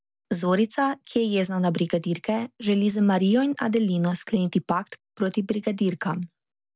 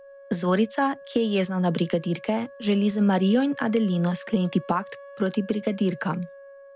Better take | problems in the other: first | background sound (Wind instrument, woodwind instrument); 19 dB below the speech

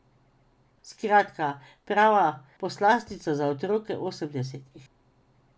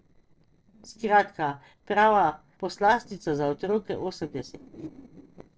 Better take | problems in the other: first | noise reduction (neural separator model SepFormer DNS4)

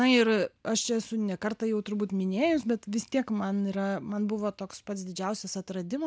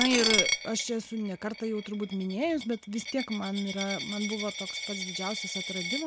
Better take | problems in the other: first | background sound (Coin (dropping)); 2 dB below the speech

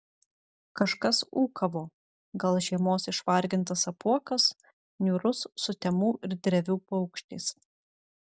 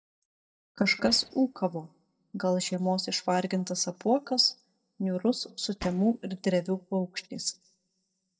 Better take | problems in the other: first | noise reduction (neural mask model DeepFilterNet 3)

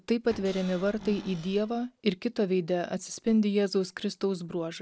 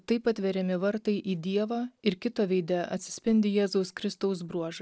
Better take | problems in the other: second | background sound (Cupboard open or close / Door); 17 dB below the speech

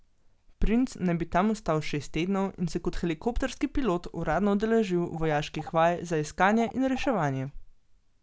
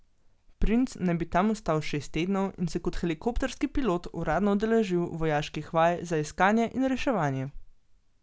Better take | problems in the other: second | background sound (Telephone); 18 dB below the speech

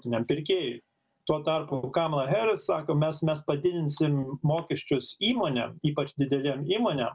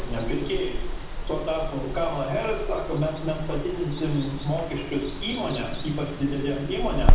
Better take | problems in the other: first | background sound (Water); 2 dB above the speech // room echo; dies away in 0.8 s

